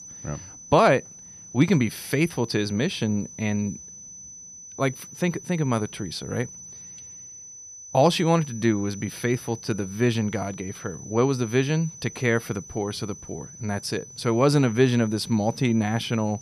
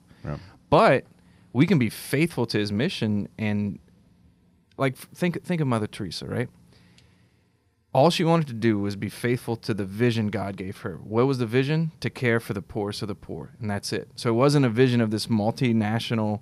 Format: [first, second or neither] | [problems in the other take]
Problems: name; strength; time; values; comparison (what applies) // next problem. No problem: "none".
second | high-pitched whine; noticeable; throughout; 6 kHz, 15 dB below the speech